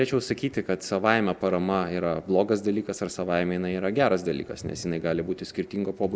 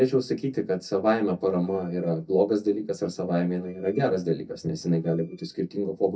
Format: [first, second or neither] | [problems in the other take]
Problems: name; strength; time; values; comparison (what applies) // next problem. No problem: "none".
first | noise reduction (neural mask model DeepFilterNet 3)